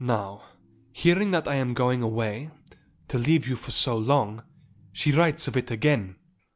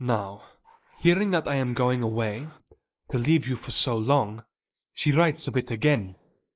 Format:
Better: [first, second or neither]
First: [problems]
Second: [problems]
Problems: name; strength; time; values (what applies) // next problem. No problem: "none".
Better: first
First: none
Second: noise reduction (neural mask model Resemble Enhance denoiser)